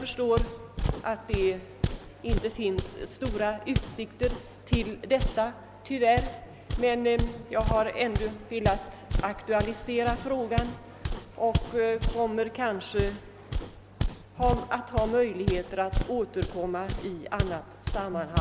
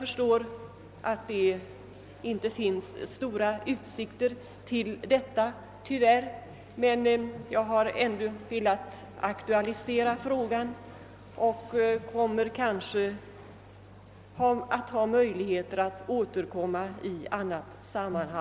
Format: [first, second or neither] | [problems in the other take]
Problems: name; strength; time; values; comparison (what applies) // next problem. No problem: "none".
second | background sound (Walk, footsteps); 3 dB below the speech